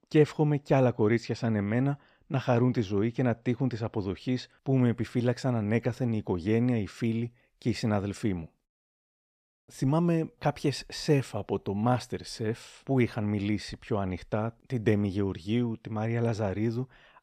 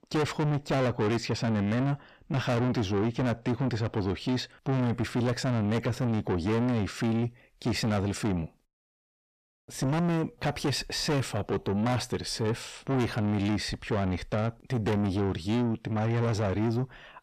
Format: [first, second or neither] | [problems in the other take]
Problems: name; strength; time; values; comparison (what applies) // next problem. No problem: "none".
first | distortion; heavy; 6 dB below the speech